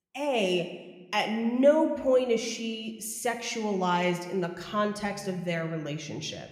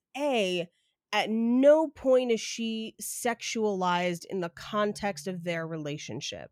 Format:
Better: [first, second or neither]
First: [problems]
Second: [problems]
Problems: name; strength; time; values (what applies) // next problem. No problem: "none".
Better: second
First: room echo; slight; dies away in 0.9 s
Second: none